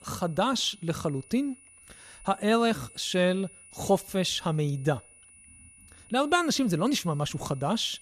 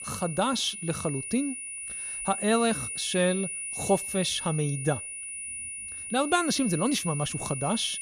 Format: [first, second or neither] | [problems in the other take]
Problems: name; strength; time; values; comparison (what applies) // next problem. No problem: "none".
first | high-pitched whine; loud; throughout; 9.5 kHz, 5 dB below the speech; faint in the first